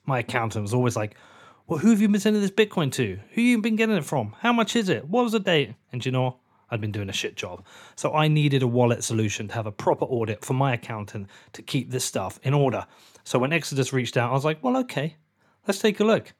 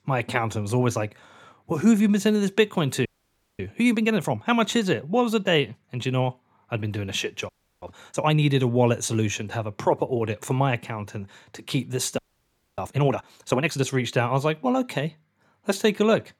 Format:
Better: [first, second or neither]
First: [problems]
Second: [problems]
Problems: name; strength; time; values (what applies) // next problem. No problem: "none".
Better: first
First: none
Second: audio freezing; at 3 s for 0.5 s, at 7.5 s and at 12 s for 0.5 s